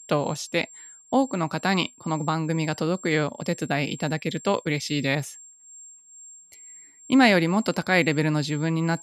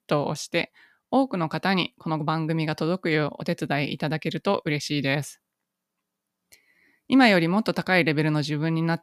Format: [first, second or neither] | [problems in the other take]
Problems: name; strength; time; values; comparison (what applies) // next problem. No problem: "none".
second | high-pitched whine; noticeable; throughout; 7.5 kHz, 20 dB below the speech